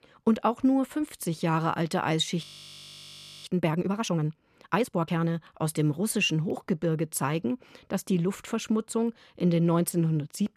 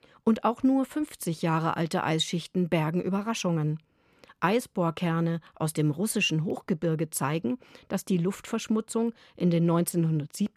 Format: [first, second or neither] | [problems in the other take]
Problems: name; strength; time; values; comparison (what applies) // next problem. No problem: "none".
second | audio freezing; at 2.5 s for 1 s